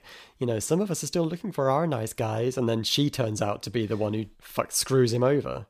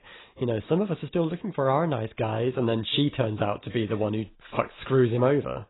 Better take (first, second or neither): first